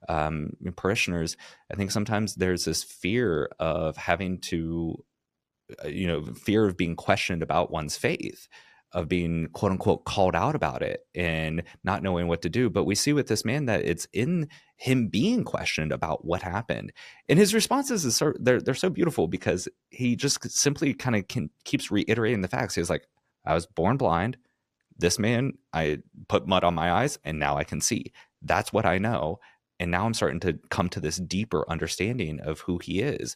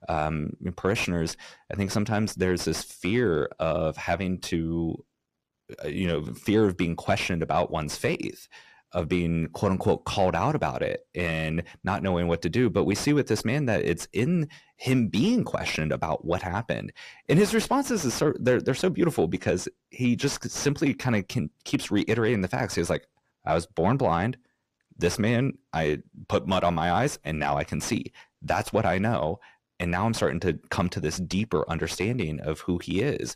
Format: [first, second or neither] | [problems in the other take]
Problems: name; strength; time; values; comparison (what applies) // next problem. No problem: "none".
first | distortion; slight; 10 dB below the speech